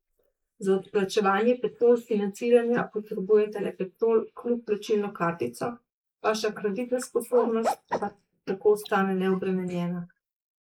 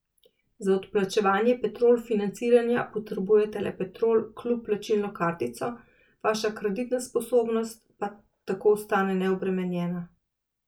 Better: second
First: noise reduction (neural mask model Resemble Enhance denoiser)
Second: none

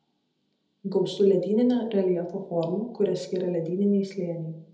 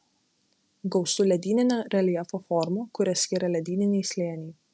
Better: second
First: room echo; dies away in 0.8 s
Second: none

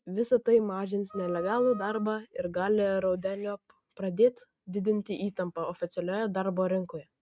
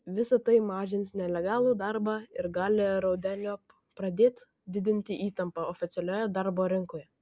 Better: second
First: noise reduction (neural mask model RNNoise)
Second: none

